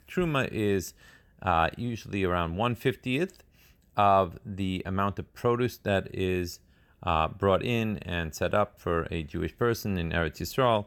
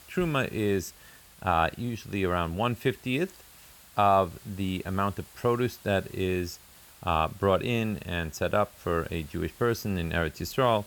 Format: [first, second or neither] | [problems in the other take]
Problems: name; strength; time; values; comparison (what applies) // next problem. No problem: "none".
first | hiss; faint; throughout; 20 dB below the speech